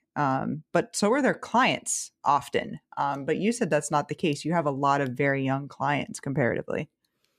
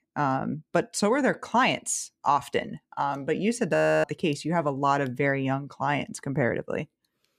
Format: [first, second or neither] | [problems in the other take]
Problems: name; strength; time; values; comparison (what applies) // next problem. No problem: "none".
first | audio freezing; at 4 s